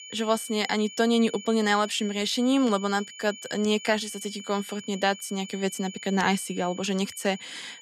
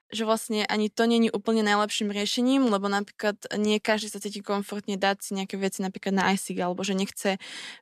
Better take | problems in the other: second | high-pitched whine; noticeable; throughout; 3 kHz, 15 dB below the speech

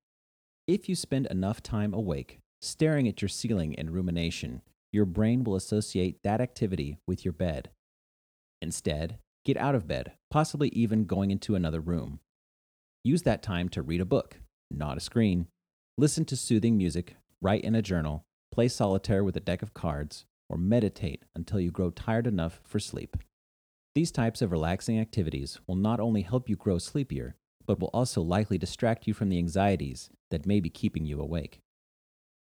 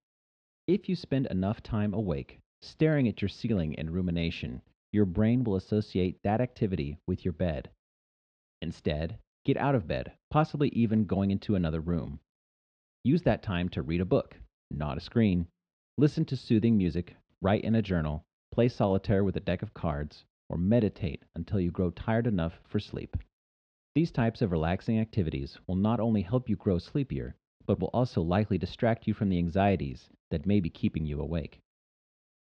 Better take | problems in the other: first | muffled; slightly; fading above 4 kHz

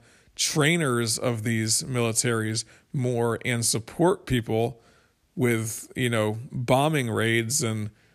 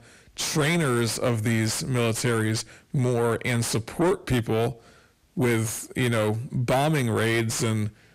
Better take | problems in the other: first | distortion; heavy; 8 dB below the speech

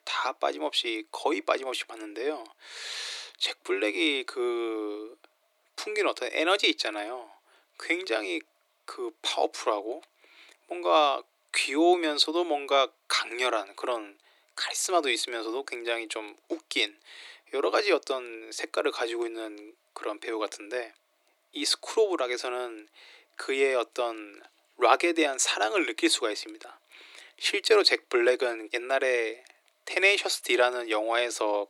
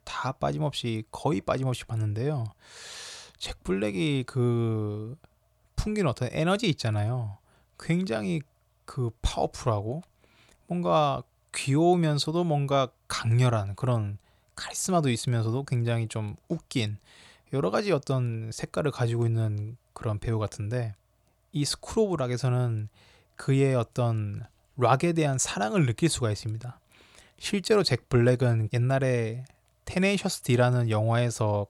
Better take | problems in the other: second | thin; very; fading below 300 Hz

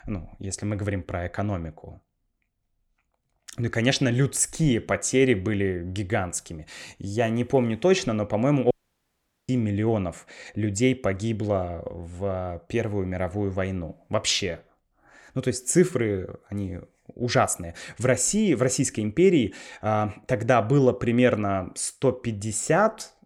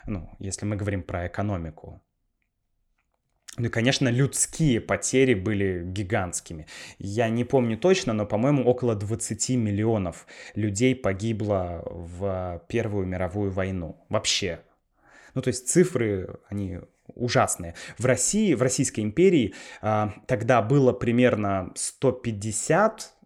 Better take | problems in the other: second | audio cutting out; at 8.5 s for 1 s

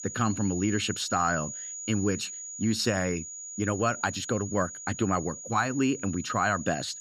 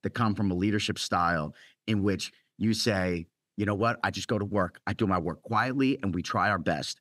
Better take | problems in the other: second | high-pitched whine; loud; throughout; 7 kHz, 8 dB below the speech

